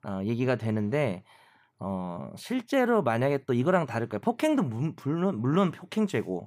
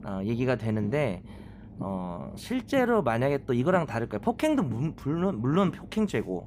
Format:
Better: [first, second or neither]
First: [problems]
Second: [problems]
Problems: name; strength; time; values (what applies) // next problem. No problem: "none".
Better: first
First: none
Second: low rumble; faint; throughout; 20 dB below the speech